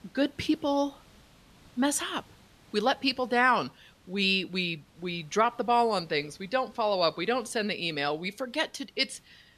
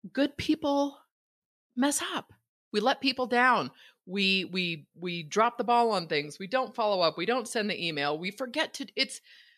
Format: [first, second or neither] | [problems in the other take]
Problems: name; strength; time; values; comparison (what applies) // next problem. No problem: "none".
second | hiss; faint; throughout; 30 dB below the speech